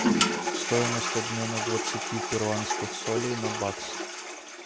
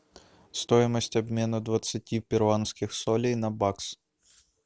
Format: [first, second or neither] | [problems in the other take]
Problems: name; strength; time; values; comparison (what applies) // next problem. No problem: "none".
second | background sound (Toilet flush); 3 dB above the speech